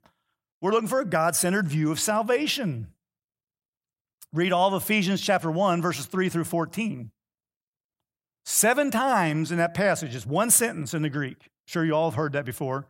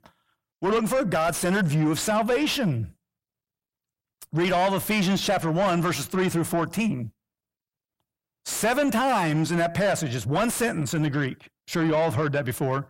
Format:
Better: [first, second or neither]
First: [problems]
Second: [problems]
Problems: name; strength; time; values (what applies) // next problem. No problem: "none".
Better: first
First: none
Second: distortion; heavy; 6 dB below the speech